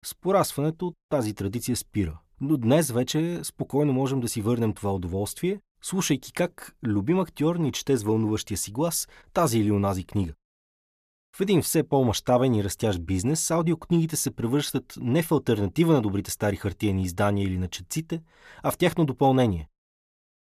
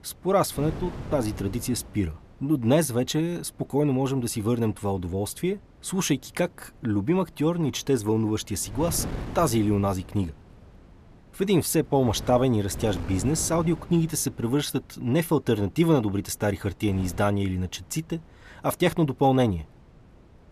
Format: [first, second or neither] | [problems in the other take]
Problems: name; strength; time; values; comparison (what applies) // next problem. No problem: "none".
first | wind noise on the microphone; occasional gusts; 15 dB below the speech